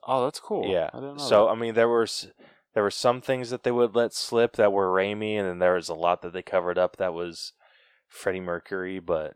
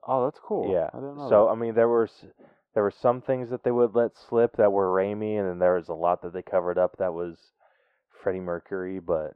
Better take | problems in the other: first | muffled; very; fading above 3 kHz

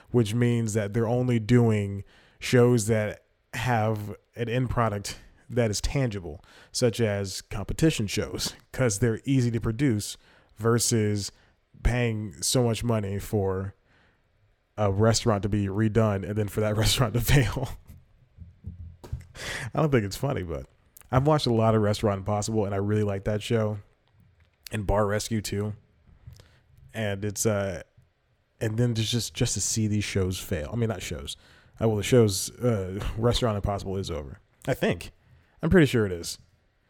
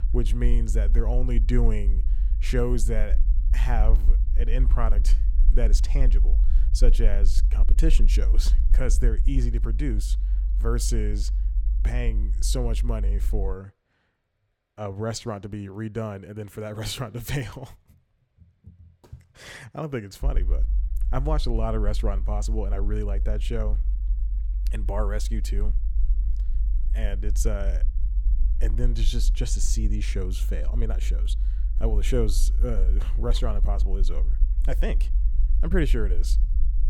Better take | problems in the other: first | low rumble; noticeable; until 14 s and from 20 s on; 15 dB below the speech

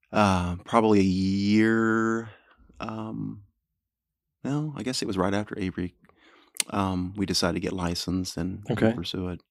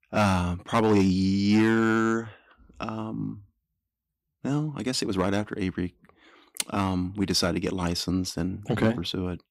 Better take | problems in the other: first | distortion; slight; 2% of the sound clipped

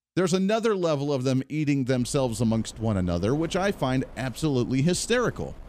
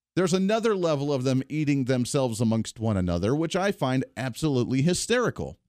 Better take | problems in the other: second | wind noise on the microphone; occasional gusts; from 2 s on; 20 dB below the speech

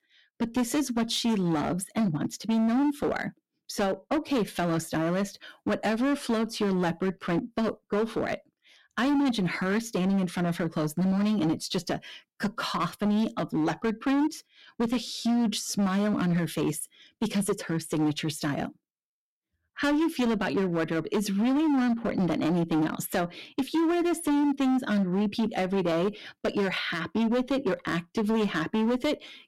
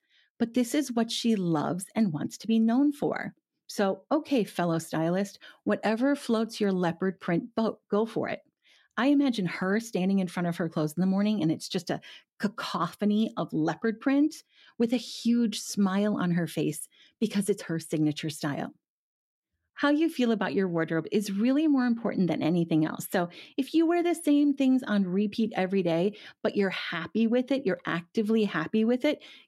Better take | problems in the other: second | distortion; slight; 17% of the sound clipped

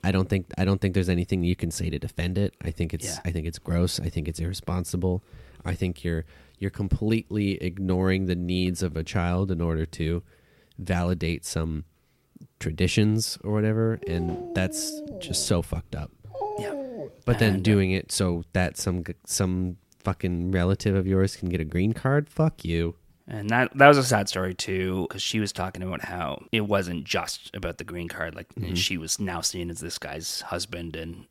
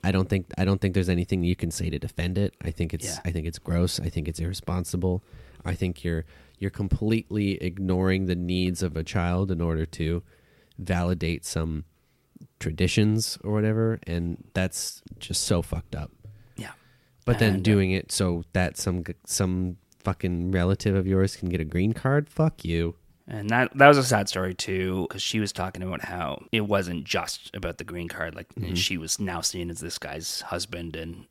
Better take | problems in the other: second | dog barking; noticeable; from 14 to 17 s; peak 5 dB below the speech

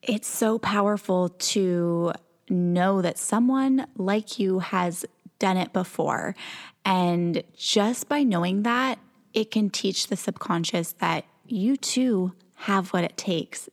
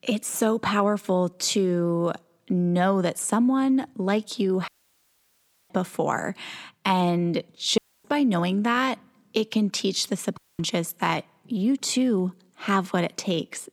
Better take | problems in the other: first | audio cutting out; at 4.5 s for 1 s, at 8 s and at 10 s

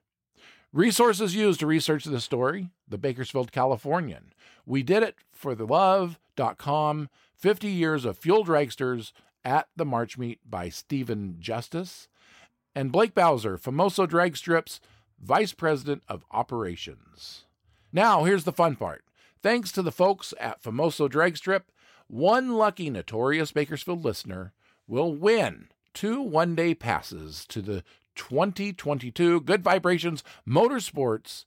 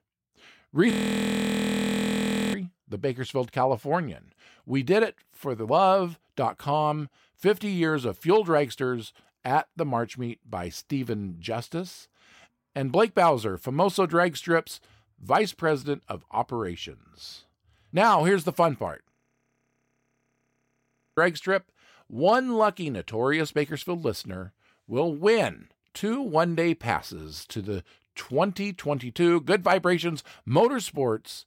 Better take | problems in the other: first | audio freezing; at 1 s for 1.5 s and at 19 s for 2 s

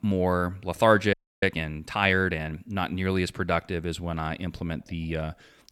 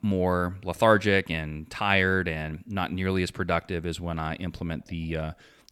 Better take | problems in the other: second | audio freezing; at 1 s

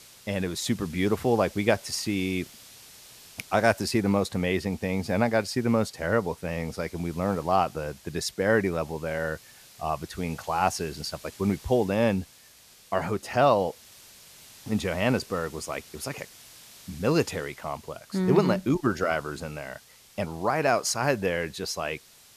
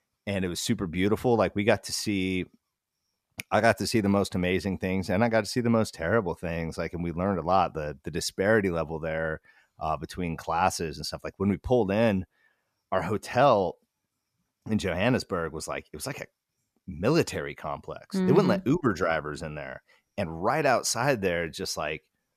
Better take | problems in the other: second | hiss; faint; throughout; 20 dB below the speech

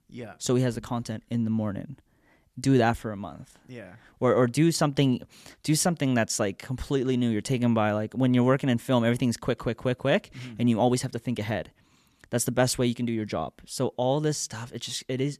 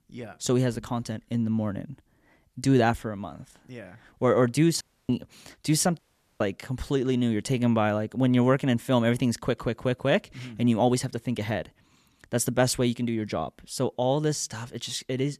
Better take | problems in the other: first | audio cutting out; at 5 s and at 6 s

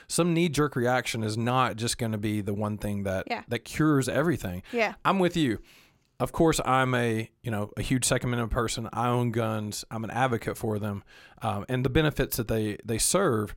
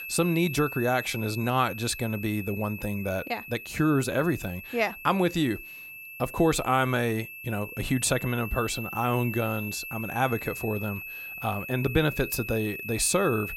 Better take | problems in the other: first | high-pitched whine; loud; throughout; 2.5 kHz, 9 dB below the speech

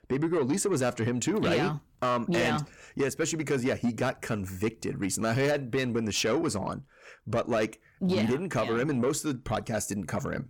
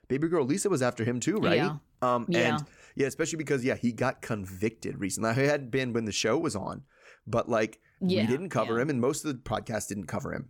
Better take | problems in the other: second | distortion; slight; 10 dB below the speech

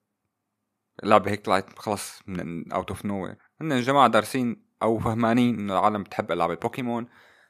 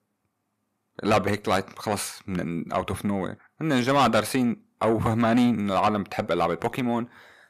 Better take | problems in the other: first | distortion; heavy; 7 dB below the speech

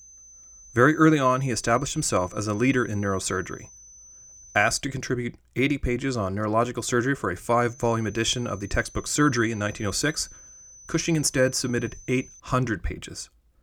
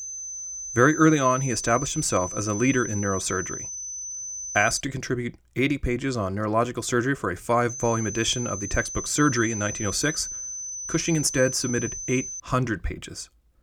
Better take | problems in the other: first | high-pitched whine; loud; until 5 s and from 7.5 to 12 s; 6 kHz, 7 dB below the speech; faint in the first

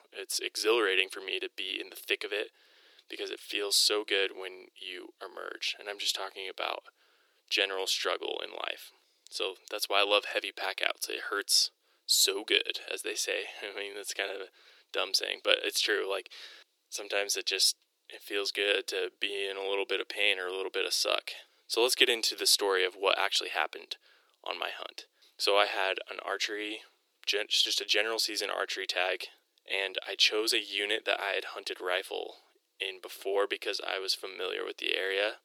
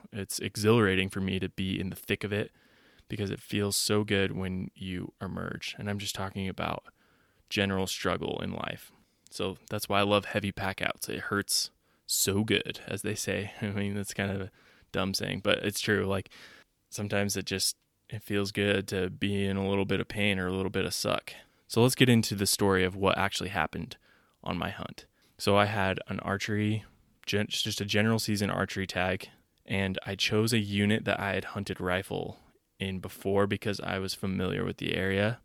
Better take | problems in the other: second | thin; very; fading below 350 Hz

